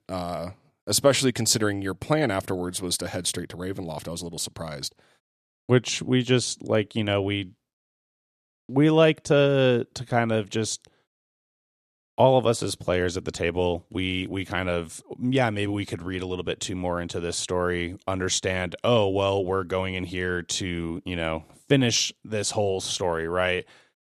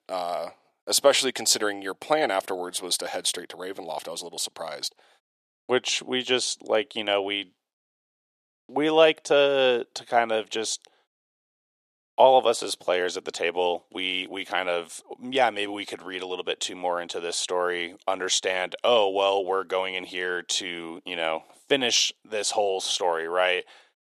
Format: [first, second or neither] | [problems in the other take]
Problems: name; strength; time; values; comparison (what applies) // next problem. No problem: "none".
first | thin; somewhat; fading below 500 Hz